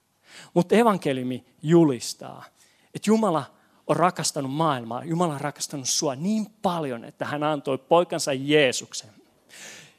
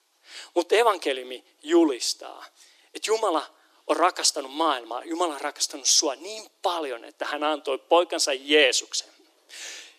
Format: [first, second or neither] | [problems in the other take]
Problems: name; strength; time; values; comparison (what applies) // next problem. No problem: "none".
first | thin; very; fading below 300 Hz